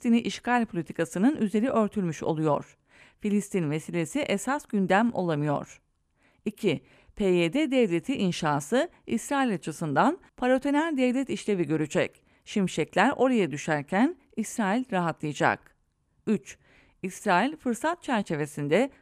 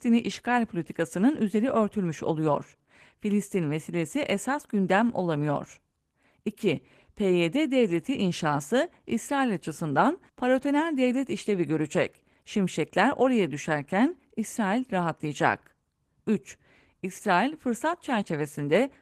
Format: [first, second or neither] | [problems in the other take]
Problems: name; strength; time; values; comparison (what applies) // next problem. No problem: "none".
first | garbled, watery; slightly; nothing above 14.5 kHz